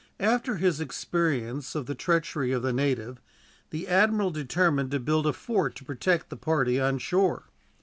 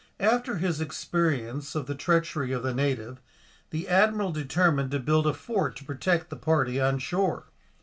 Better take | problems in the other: first | room echo; dies away in 0.2 s

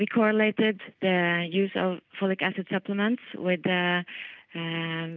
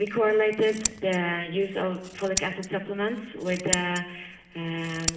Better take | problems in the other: first | background sound (Scissors); 8 dB below the speech // room echo; dies away in 1.1 s

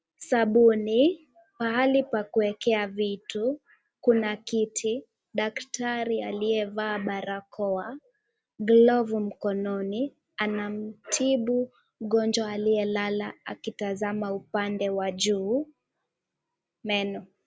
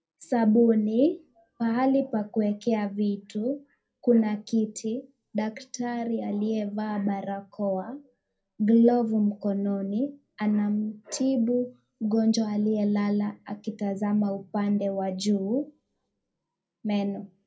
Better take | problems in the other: first | room echo; dies away in 0.2 s

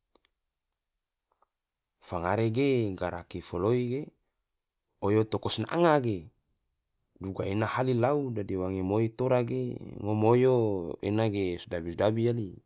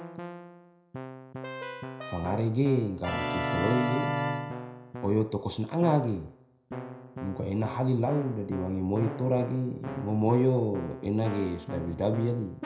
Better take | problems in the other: first | background sound (Keyboard (musical)); 7 dB below the speech // room echo; dies away in 0.5 s

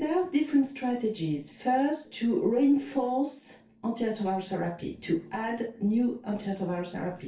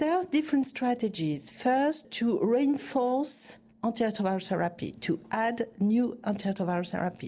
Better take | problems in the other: second | room echo; dies away in 0.3 s

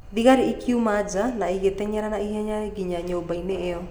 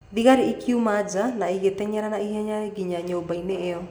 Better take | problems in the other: second | background sound (Bird); 17 dB below the speech

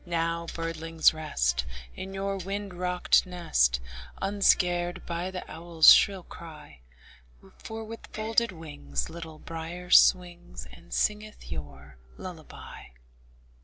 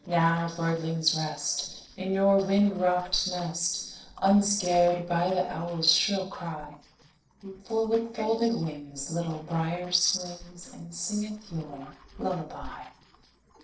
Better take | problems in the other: first | noise reduction (neural separator model SepFormer DNS4)

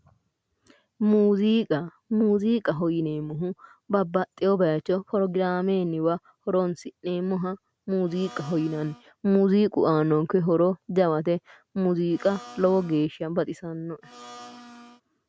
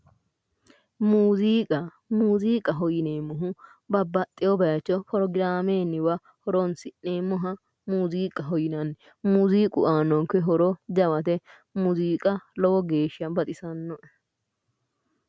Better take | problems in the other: second | background sound (Domestic sounds, home sounds); 20 dB below the speech

